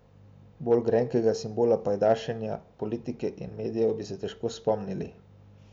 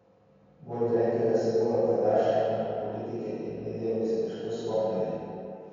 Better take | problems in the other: first | room echo; dies away in 2.2 s

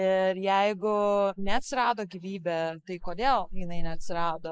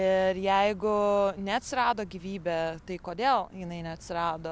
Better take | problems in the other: second | noise reduction (neural mask model Resemble Enhance denoiser)

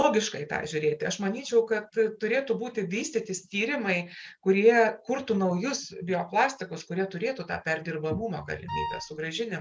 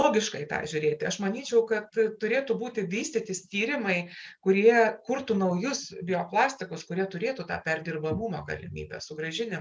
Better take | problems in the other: second | background sound (Wind instrument, woodwind instrument); 8 dB below the speech

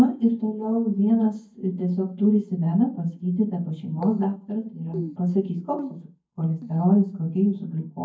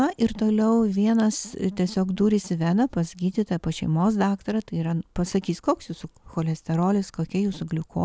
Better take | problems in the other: second | noise reduction (neural mask model DeepFilterNet 3)

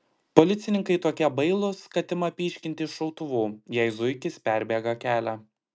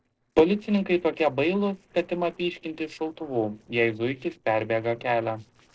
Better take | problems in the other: first | noise reduction (neural separator model SepFormer DNS4)

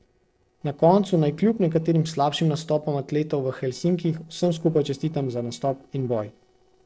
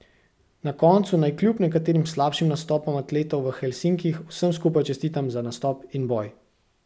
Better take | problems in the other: second | noise reduction (neural separator model SepFormer DNS4)

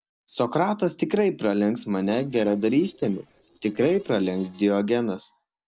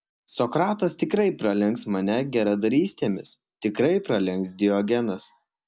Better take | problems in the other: second | noise reduction (neural separator model SepFormer DNS4)

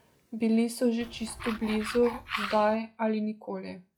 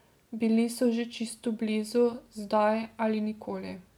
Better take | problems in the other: second | noise reduction (classical method log-MMSE)

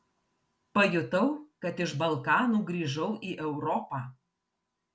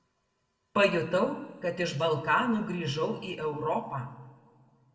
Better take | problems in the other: first | room echo; dies away in 1 s

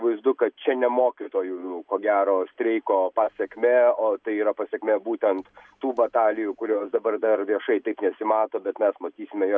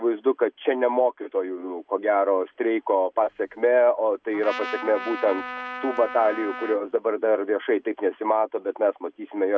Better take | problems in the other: first | background sound (Trumpet); 11 dB below the speech

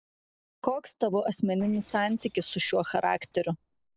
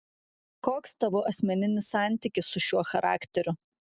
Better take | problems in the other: second | noise reduction (neural separator model SepFormer DNS4)

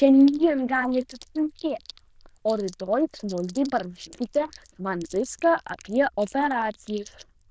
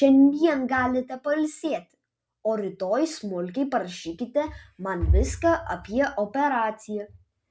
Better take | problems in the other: second | noise reduction (neural diffusion model UNIVERSE++)

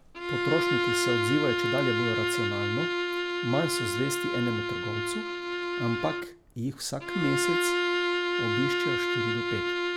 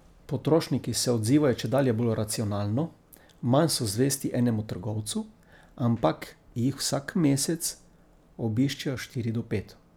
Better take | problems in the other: second | background sound (Bowed string instrument); 3 dB above the speech

